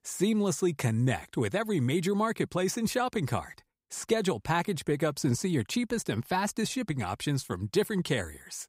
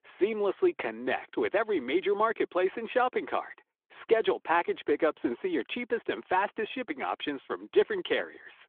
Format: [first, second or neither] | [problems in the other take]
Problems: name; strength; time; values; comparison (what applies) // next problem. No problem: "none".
first | phone-call audio; nothing above 3.5 kHz